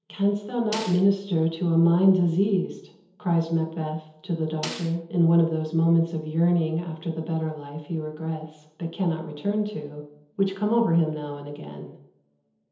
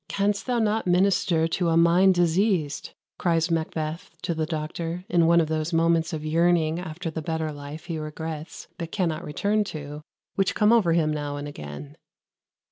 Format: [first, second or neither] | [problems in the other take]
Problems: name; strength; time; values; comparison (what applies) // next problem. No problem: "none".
second | background sound (Snare drum); 14 dB below the speech // room echo; dies away in 0.8 s